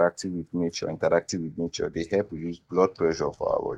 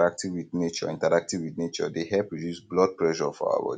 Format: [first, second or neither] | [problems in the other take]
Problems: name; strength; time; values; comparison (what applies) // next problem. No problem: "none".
second | noise reduction (neural mask model DeepFilterNet 3)